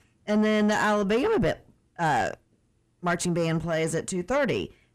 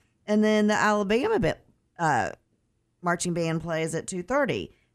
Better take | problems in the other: second | distortion; slight; 9 dB below the speech

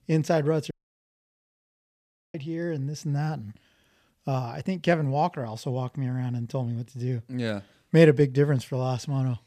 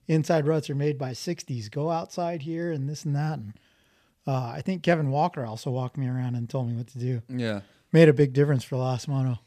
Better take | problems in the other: second | audio cutting out; at 0.5 s for 1.5 s

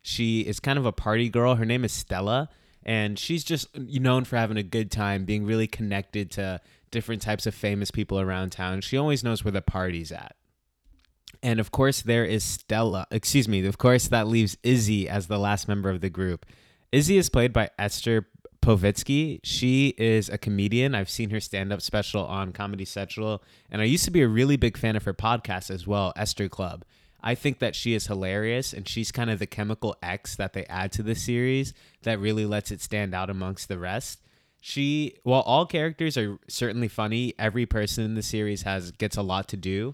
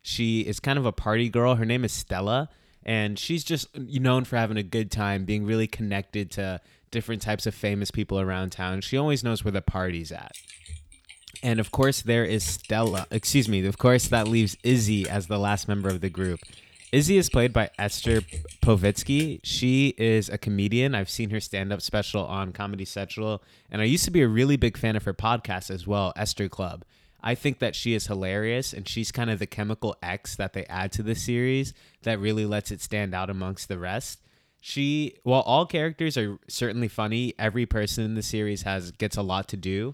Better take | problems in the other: first | keyboard typing; noticeable; from 10 to 19 s; peak 7 dB below the speech

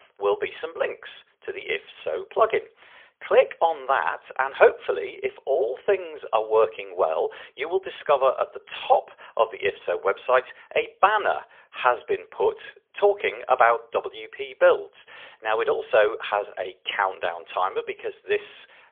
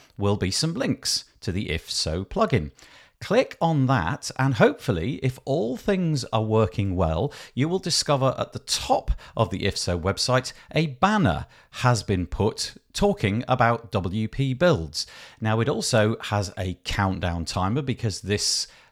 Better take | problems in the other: second | phone-call audio; poor line; nothing above 3.5 kHz

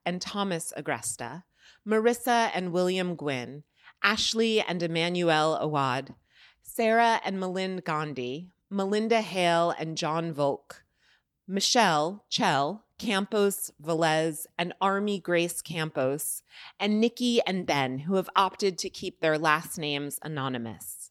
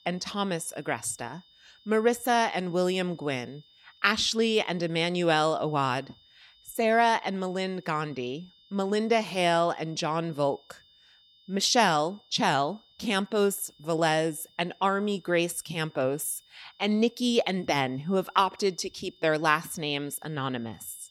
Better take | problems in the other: first | high-pitched whine; faint; throughout; 3.5 kHz, 30 dB below the speech

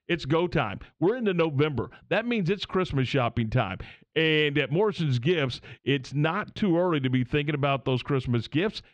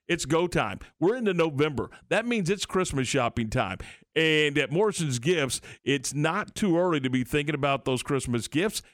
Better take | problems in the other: second | muffled; slightly; fading above 4 kHz

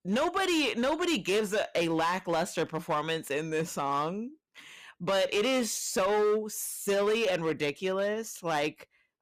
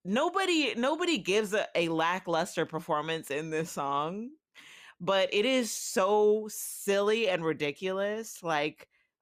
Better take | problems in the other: second | distortion; slight; 11% of the sound clipped

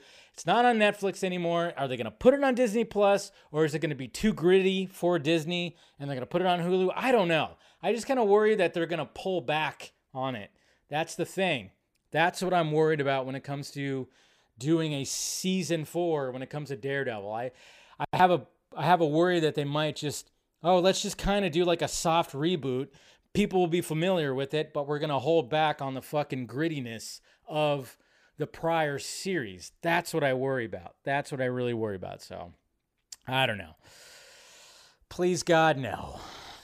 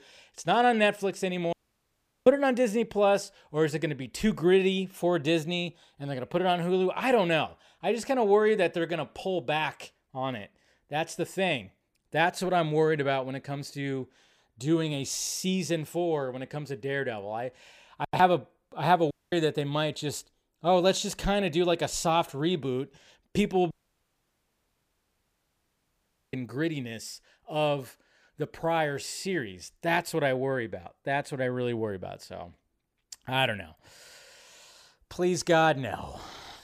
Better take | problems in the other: first | audio cutting out; at 1.5 s for 0.5 s, at 19 s and at 24 s for 2.5 s

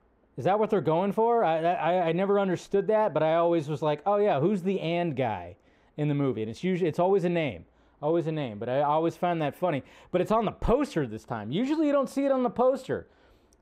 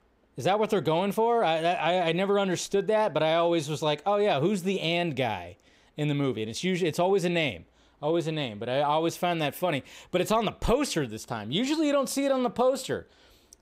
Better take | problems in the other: second | muffled; slightly; fading above 2.5 kHz

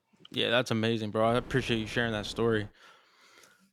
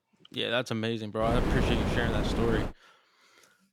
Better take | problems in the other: first | wind noise on the microphone; heavy; from 1 to 2.5 s; 2 dB below the speech; occasional gusts in the first

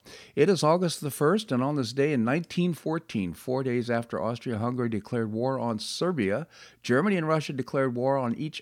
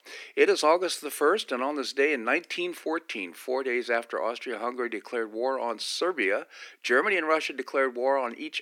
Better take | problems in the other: first | thin; somewhat; fading below 300 Hz

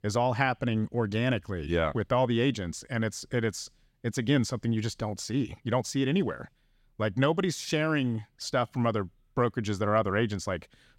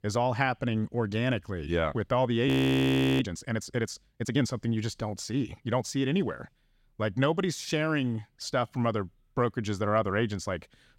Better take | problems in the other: first | audio freezing; at 2.5 s for 0.5 s

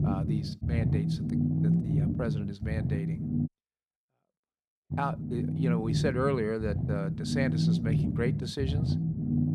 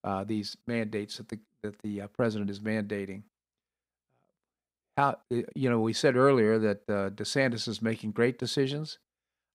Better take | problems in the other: second | low rumble; loud; until 3.5 s and from 5 s on; 3 dB below the speech

